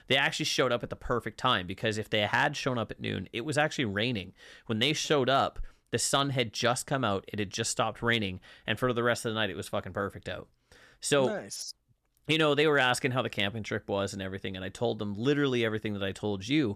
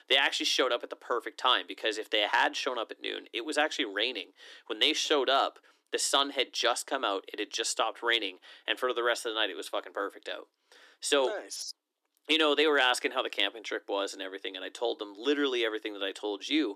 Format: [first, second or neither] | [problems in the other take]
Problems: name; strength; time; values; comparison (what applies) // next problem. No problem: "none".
first | thin; somewhat; fading below 300 Hz